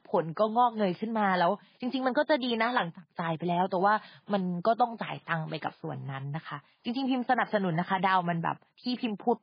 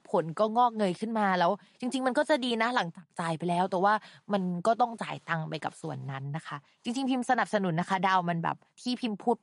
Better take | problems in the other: second | garbled, watery; badly; nothing above 5 kHz; slightly in the second

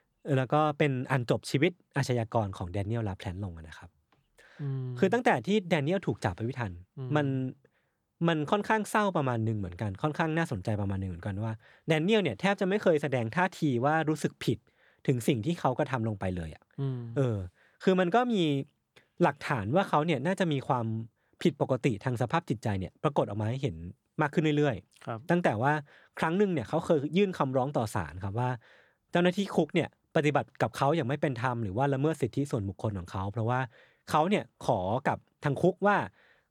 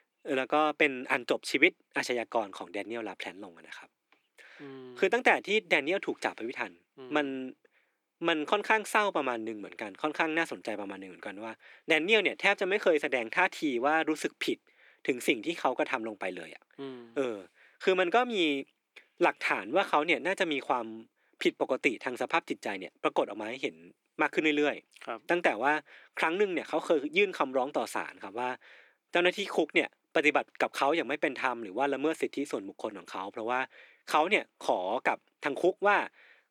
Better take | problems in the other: first | thin; somewhat; fading below 300 Hz

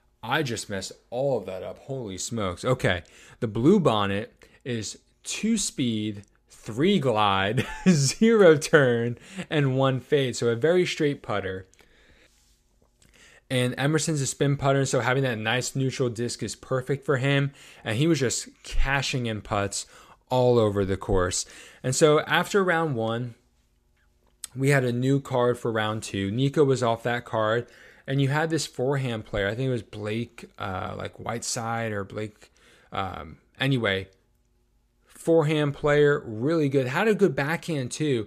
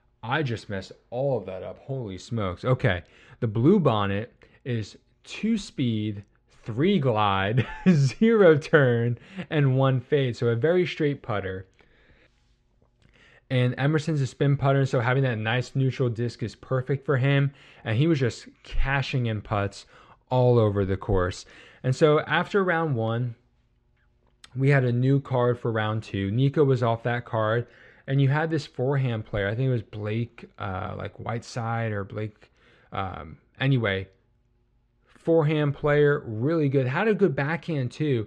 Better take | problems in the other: first | muffled; slightly; fading above 3 kHz

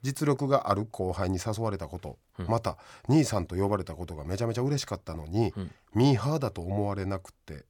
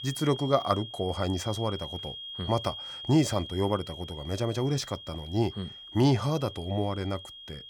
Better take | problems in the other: first | high-pitched whine; noticeable; throughout; 3.5 kHz, 10 dB below the speech

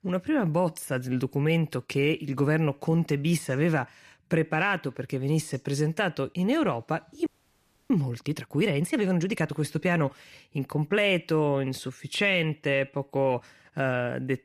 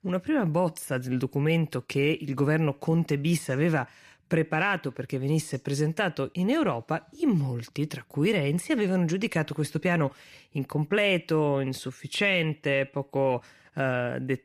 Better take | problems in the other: second | audio freezing; at 7.5 s for 0.5 s

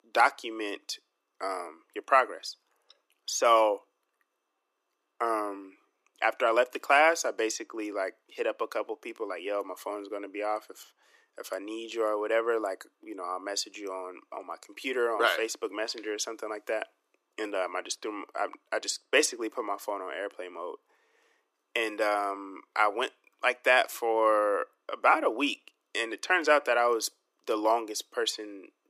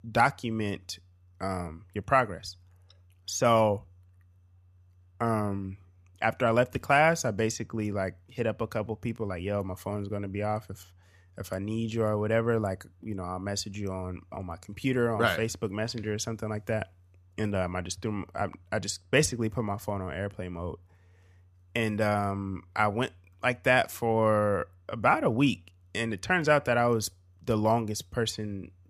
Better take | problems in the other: second | thin; very; fading below 300 Hz

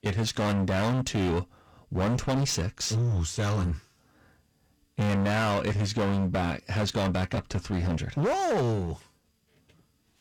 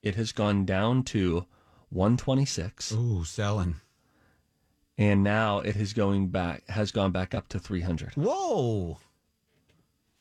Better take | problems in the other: second | distortion; heavy; 20% of the sound clipped

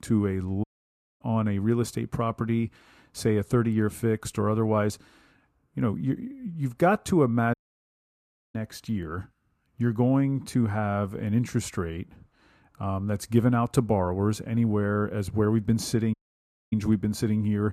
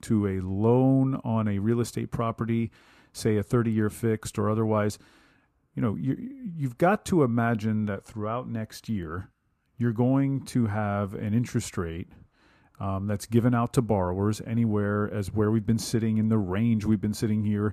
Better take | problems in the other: second | audio cutting out; at 0.5 s for 0.5 s, at 7.5 s for 1 s and at 16 s for 0.5 s

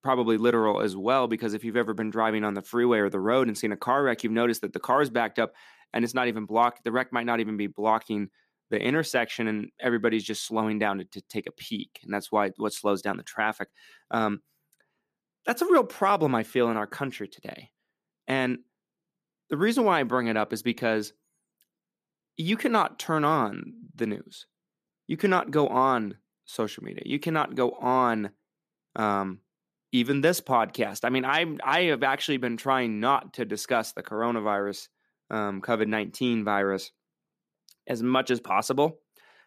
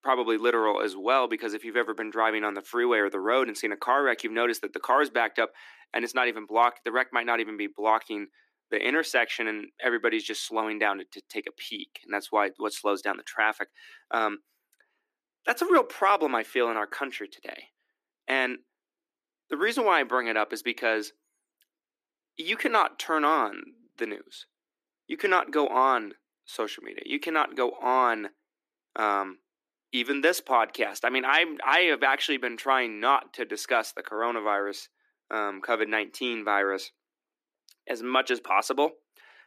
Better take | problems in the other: first | thin; somewhat; fading below 300 Hz

